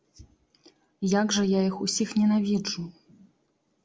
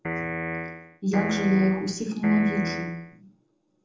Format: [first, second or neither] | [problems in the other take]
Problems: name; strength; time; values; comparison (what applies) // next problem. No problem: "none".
first | background sound (Piano); 5 dB below the speech // room echo; dies away in 0.6 s